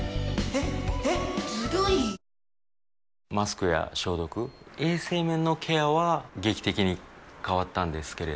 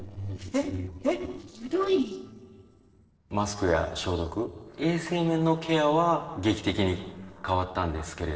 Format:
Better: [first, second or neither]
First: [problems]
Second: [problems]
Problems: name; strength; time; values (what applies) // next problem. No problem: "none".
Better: first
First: none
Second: noise reduction (neural separator model SepFormer DNS4)